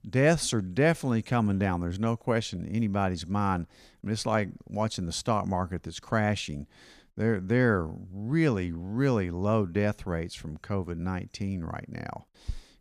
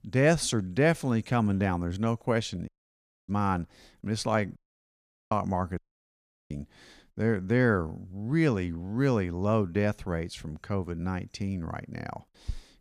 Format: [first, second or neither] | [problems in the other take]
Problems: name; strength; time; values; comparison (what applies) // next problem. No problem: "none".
first | audio cutting out; at 2.5 s for 0.5 s, at 4.5 s for 1 s and at 6 s for 0.5 s